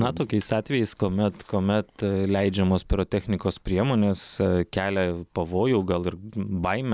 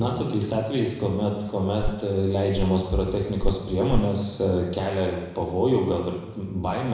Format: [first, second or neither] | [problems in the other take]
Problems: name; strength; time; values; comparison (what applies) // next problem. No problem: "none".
first | background sound (Walk, footsteps); 5 dB below the speech // room echo; dies away in 1 s